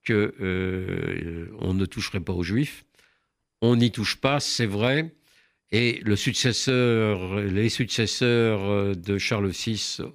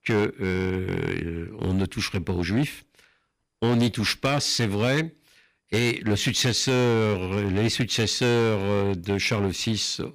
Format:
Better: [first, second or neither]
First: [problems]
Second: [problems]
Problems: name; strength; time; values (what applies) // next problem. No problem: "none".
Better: first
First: none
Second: distortion; slight; 8% of the sound clipped